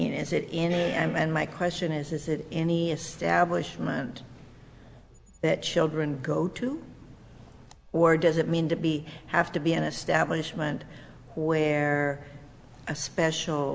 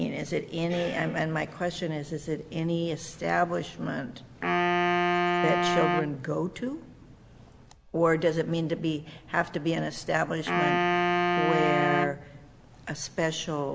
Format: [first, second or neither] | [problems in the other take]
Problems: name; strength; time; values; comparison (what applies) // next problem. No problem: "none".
first | background sound (Wind instrument, woodwind instrument); 2 dB above the speech